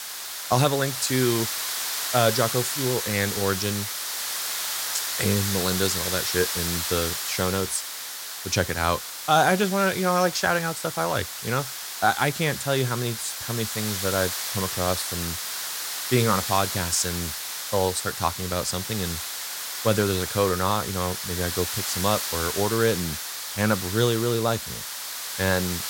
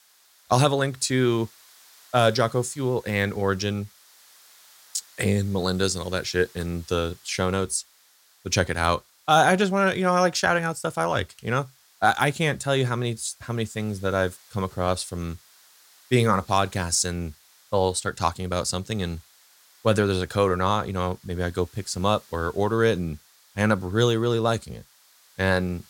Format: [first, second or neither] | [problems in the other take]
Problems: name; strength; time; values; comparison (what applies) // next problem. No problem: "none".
second | hiss; loud; throughout; 3 dB below the speech; faint in the second